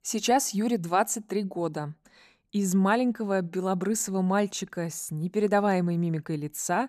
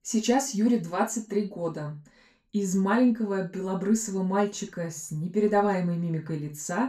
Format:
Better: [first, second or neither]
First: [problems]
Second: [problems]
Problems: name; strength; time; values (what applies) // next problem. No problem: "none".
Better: first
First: none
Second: room echo; very slight; dies away in 0.3 s // off-mic speech; somewhat distant